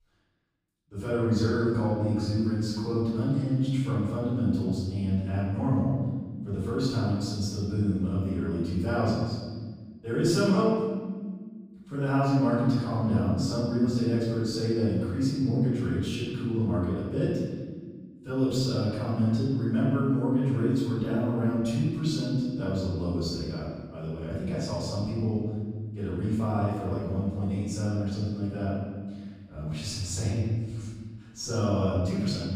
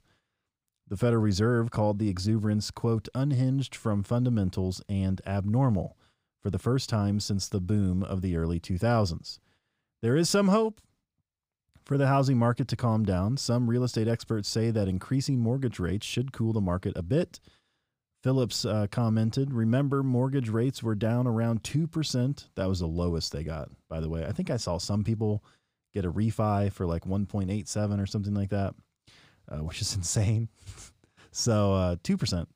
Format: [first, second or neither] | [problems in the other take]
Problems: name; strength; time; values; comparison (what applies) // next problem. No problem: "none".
second | off-mic speech; far // room echo; strong; dies away in 1.7 s